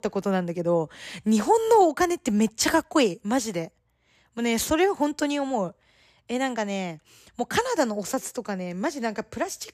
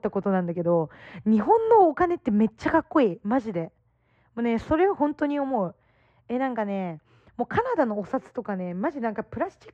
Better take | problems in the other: first | muffled; very; fading above 1.5 kHz

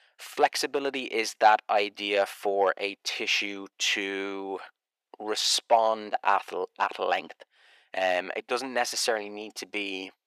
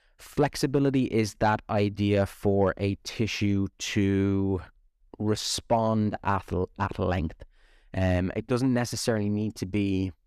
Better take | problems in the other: second | thin; very; fading below 500 Hz

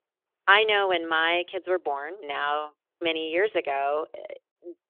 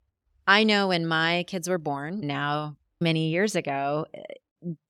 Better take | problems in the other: second | phone-call audio; nothing above 3.5 kHz

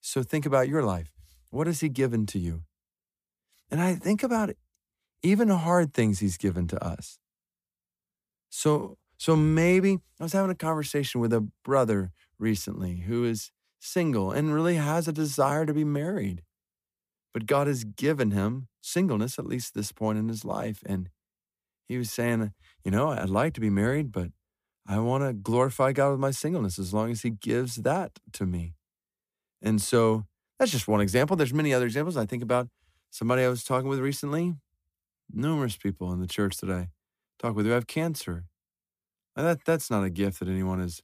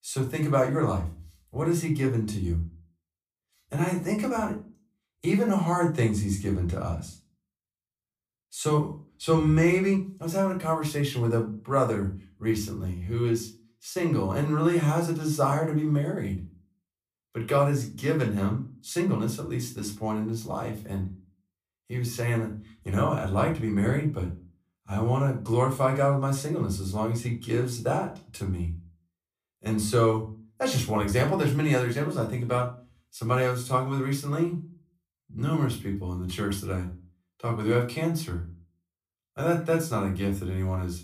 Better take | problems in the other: first | off-mic speech; somewhat distant // room echo; very slight; dies away in 0.3 s

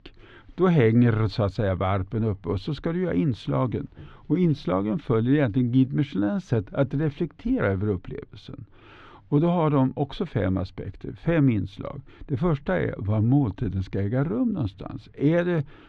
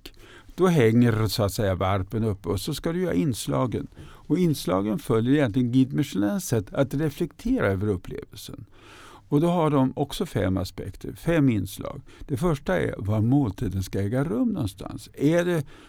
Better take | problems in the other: second | muffled; slightly; fading above 3.5 kHz

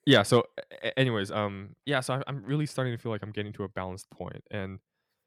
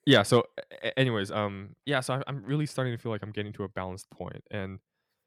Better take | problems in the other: neither | none

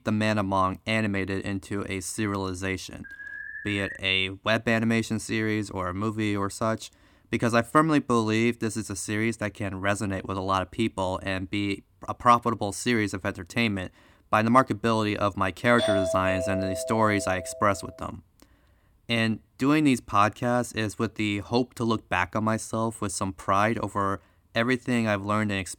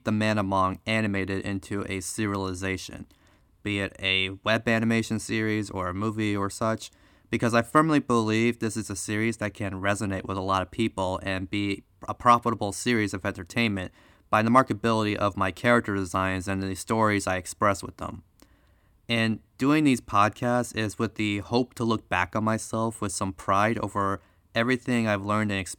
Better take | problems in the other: second | alarm; faint; at 3 s; peak 10 dB below the speech // doorbell; loud; from 16 to 18 s; peak 1 dB above the speech

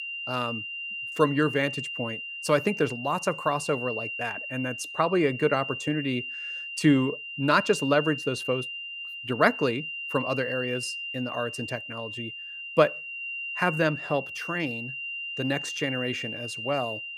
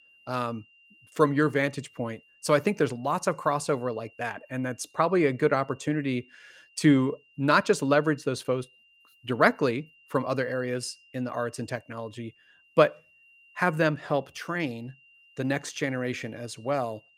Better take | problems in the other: second | high-pitched whine; loud; throughout; 3 kHz, 6 dB below the speech; faint in the second

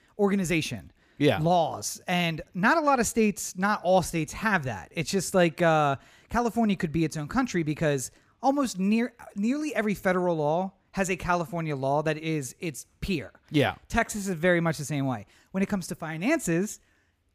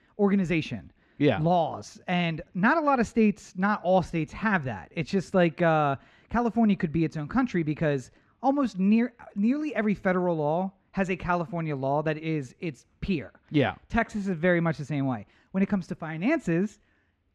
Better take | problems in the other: first | muffled; slightly; fading above 3 kHz

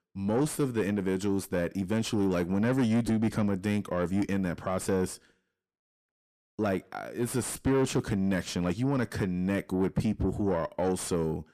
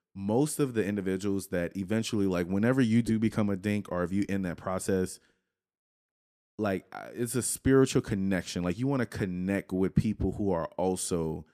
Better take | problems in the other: second | distortion; slight; 10 dB below the speech

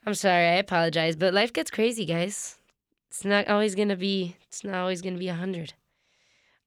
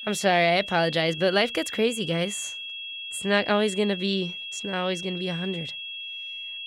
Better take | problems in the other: first | high-pitched whine; loud; throughout; 3.5 kHz, 8 dB below the speech

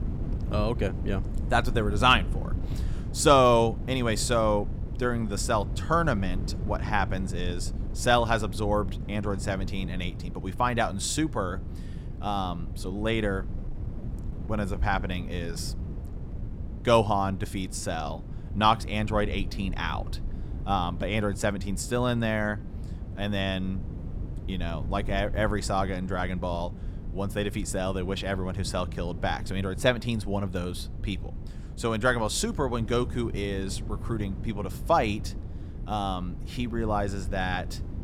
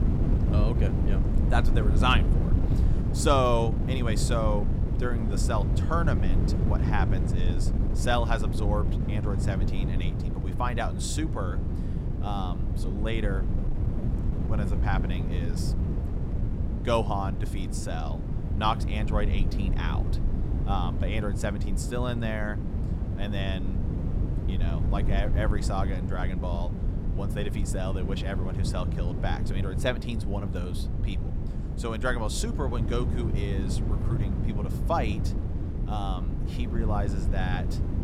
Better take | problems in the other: first | wind noise on the microphone; heavy; 7 dB below the speech; occasional gusts in the first

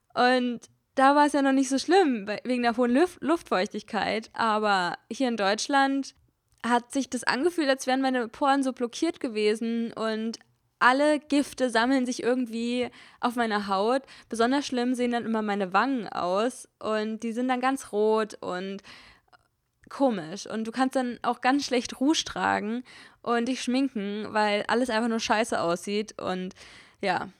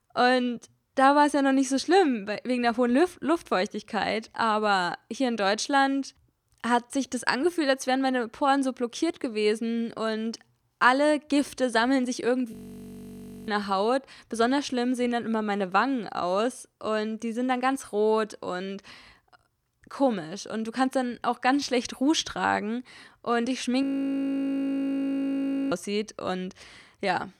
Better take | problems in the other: first | audio freezing; at 13 s for 1 s and at 24 s for 2 s

